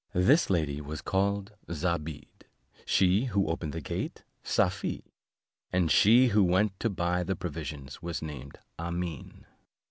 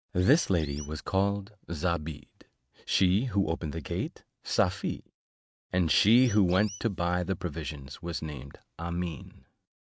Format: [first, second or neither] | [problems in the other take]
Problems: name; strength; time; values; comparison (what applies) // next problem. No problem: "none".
first | noise reduction (neural mask model RNNoise)